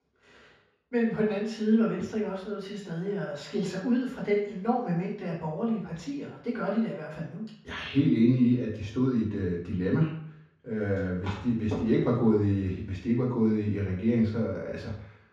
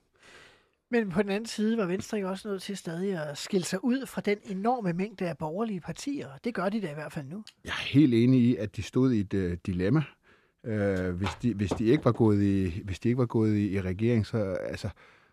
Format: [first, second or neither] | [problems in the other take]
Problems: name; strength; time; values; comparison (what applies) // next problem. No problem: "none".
second | room echo; noticeable; dies away in 0.6 s // off-mic speech; far